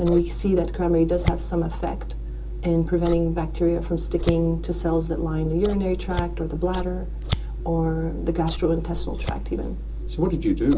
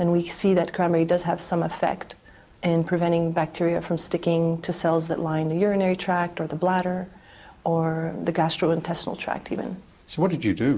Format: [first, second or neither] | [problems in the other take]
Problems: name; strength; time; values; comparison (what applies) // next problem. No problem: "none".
second | background sound (Scissors); 4 dB below the speech // room echo; dies away in 0.2 s